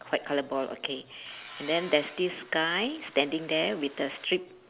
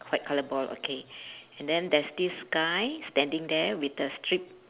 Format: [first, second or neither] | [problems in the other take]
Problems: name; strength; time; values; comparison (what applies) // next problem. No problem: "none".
second | background sound (Tools); 18 dB below the speech